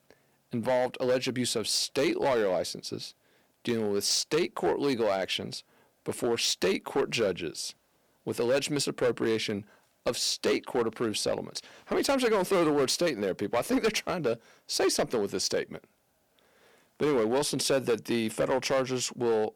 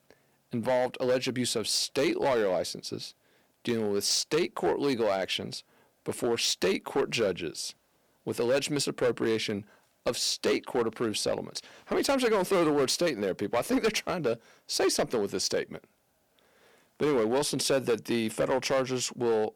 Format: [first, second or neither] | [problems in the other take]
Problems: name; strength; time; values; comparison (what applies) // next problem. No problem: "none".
neither | distortion; slight; 6% of the sound clipped; the same in both